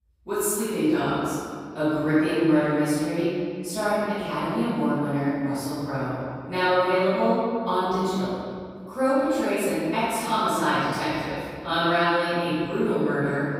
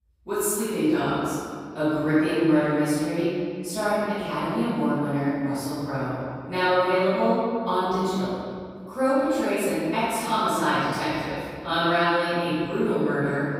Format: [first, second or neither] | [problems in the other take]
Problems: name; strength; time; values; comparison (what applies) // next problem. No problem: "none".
neither | off-mic speech; far; the same in both // room echo; strong; dies away in 2 s; the same in both